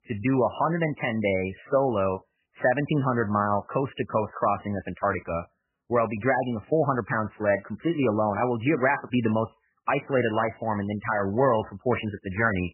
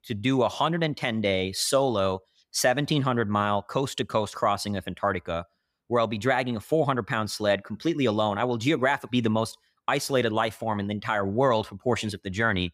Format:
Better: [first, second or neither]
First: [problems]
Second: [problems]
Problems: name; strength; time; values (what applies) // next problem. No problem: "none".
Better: second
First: garbled, watery; badly; nothing above 3 kHz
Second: none